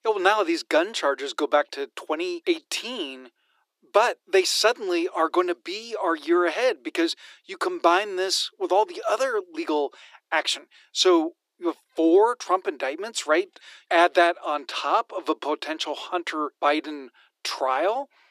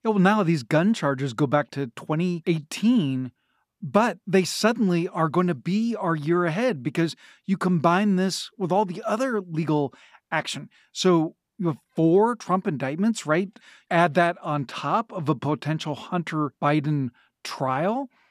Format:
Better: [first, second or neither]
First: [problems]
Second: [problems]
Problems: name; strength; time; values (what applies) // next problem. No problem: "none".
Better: second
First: thin; very; fading below 350 Hz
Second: none